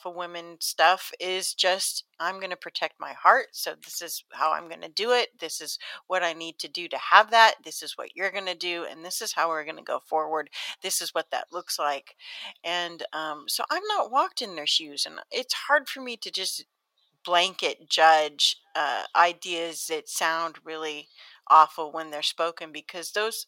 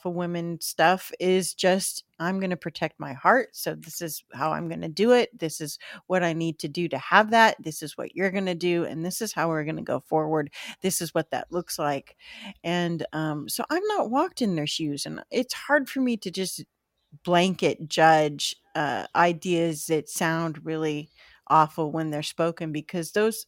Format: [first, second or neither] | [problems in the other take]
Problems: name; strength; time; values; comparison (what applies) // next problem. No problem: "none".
second | thin; very; fading below 700 Hz